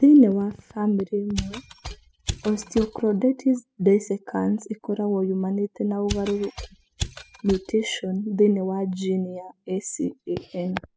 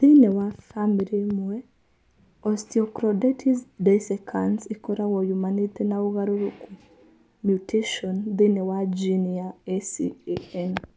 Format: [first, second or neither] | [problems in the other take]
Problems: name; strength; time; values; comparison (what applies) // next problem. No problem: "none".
second | noise reduction (classical method spectral subtraction)